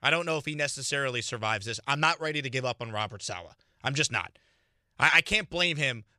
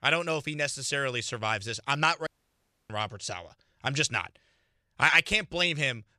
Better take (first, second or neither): first